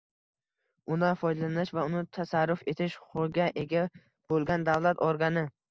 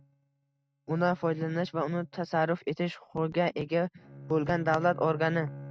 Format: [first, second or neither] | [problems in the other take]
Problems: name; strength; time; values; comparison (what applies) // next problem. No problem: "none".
first | noise reduction (neural mask model RNNoise)